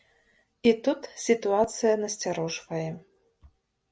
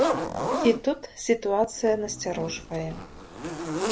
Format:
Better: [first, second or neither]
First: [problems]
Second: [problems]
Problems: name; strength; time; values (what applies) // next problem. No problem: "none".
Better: first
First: none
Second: background sound (Zipper (clothing)); 3 dB below the speech